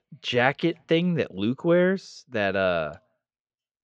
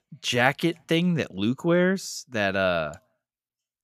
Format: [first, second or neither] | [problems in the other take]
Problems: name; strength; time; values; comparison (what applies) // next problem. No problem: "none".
second | muffled; slightly; fading above 4.5 kHz